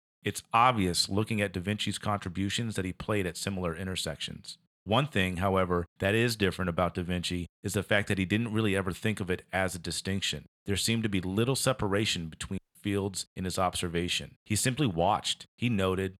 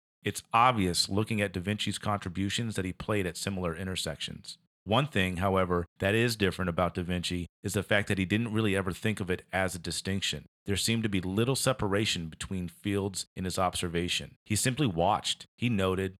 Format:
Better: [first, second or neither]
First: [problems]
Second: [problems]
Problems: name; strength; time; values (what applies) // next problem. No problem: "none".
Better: second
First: audio cutting out; at 13 s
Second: none